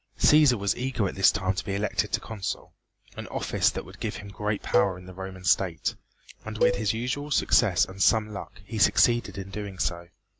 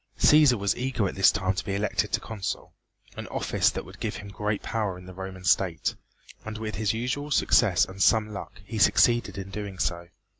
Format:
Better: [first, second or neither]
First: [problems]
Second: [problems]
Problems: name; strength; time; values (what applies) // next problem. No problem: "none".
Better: second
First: background sound (Cowbell); 4 dB below the speech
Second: none